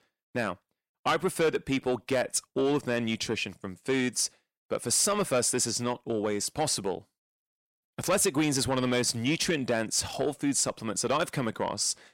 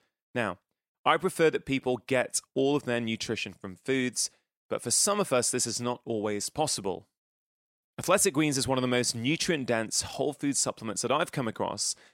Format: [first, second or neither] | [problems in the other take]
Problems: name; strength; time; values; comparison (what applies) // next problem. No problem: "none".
second | distortion; slight; 10 dB below the speech